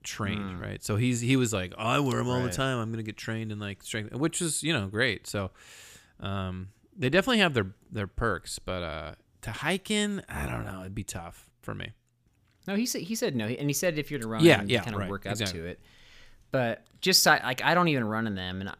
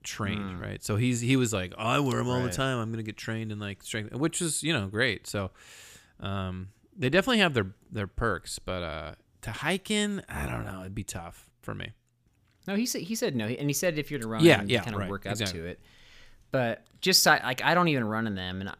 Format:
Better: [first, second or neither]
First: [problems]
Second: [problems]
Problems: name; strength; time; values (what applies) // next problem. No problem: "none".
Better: neither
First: none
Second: none